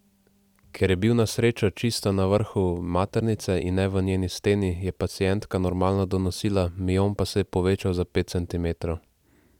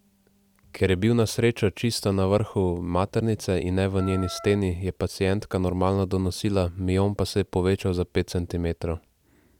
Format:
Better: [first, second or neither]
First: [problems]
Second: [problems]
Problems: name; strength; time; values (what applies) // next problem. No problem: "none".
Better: first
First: none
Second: background sound (Wind instrument, woodwind instrument); 16 dB below the speech